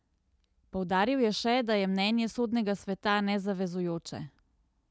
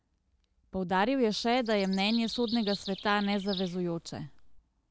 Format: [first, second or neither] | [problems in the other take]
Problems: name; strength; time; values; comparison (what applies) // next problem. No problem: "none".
first | background sound (Bird vocalization, bird call, bird song); 13 dB below the speech